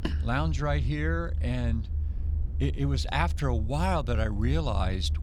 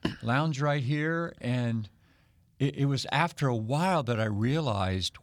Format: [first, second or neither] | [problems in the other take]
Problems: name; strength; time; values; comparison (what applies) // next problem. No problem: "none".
second | low rumble; noticeable; throughout; 15 dB below the speech